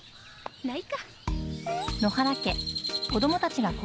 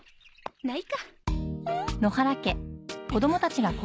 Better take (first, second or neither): second